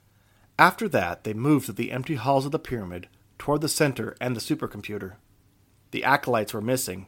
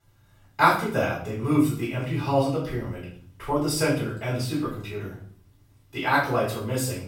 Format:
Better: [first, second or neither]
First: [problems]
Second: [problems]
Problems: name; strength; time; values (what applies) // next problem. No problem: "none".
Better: first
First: none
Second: off-mic speech; far // room echo; noticeable; dies away in 0.5 s